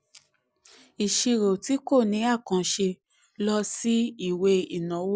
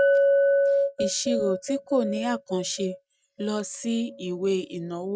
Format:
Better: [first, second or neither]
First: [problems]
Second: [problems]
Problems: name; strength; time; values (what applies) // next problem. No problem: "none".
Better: first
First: none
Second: noise reduction (neural mask model RNNoise)